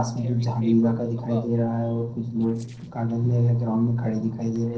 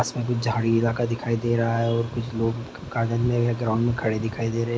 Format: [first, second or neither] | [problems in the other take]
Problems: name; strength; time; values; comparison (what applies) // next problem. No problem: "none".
second | noise reduction (neural separator model SepFormer DNS4)